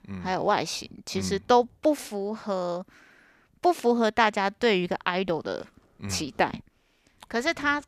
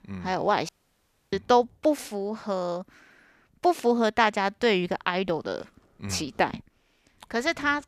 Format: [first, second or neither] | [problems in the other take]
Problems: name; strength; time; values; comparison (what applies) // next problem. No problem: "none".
first | audio cutting out; at 0.5 s for 0.5 s